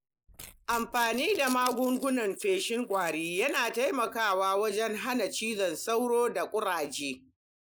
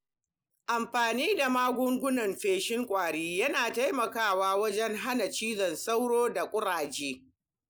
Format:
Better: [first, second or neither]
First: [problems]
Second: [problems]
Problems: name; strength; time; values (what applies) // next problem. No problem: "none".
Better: second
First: noise reduction (neural mask model Resemble Enhance denoiser)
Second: none